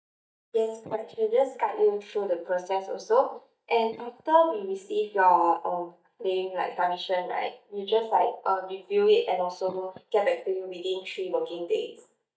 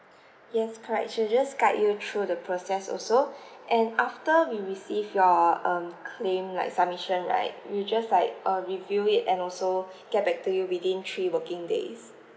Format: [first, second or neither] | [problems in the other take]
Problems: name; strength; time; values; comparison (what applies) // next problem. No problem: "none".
second | noise reduction (neural mask model DeepFilterNet 3)